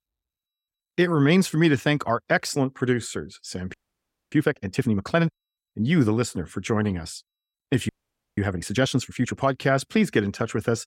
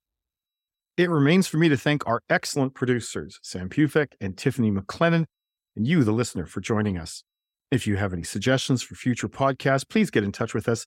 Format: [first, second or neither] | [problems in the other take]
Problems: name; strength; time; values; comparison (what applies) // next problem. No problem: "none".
second | audio freezing; at 3.5 s for 0.5 s and at 8 s